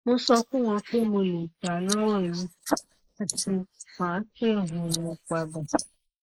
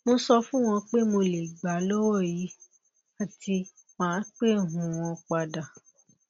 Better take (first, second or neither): second